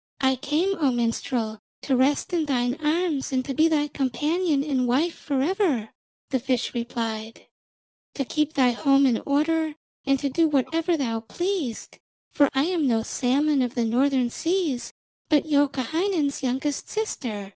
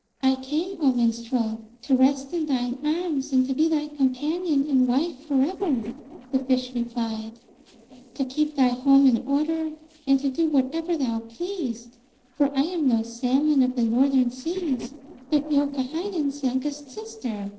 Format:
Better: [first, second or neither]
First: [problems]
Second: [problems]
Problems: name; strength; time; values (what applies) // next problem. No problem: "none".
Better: first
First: none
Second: noise reduction (neural separator model SepFormer DNS4)